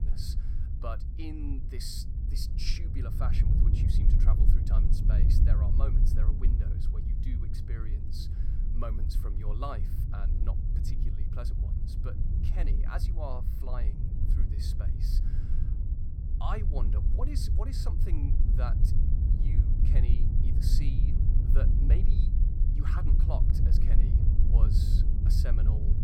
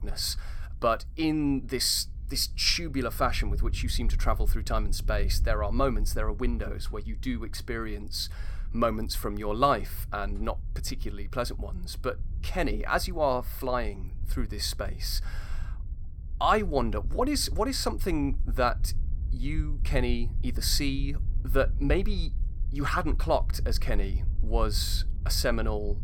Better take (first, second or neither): second